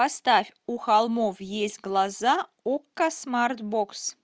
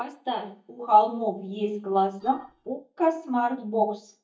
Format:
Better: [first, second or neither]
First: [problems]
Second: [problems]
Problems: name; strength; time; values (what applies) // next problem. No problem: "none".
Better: first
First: none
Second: noise reduction (neural mask model DeepFilterNet 3)